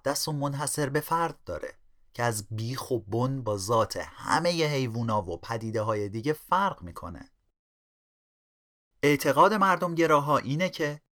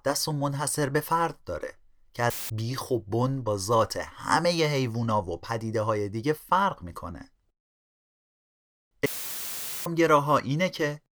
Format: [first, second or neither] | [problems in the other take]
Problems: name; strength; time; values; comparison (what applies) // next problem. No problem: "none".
first | audio cutting out; filled with static; at 2.5 s and at 9 s for 1 s